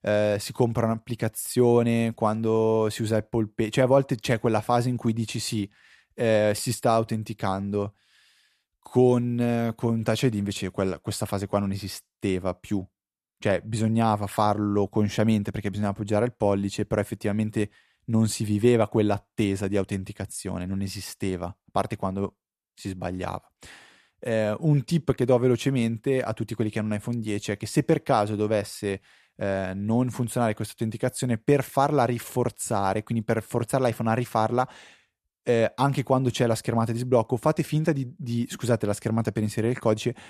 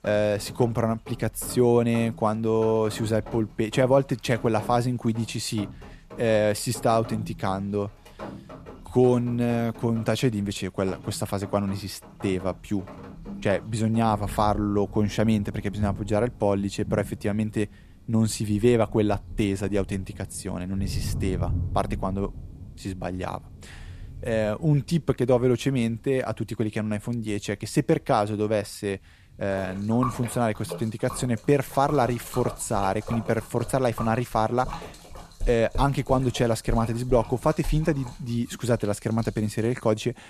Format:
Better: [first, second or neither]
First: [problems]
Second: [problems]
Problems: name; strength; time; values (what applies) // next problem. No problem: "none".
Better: first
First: none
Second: rain or running water; noticeable; throughout; 15 dB below the speech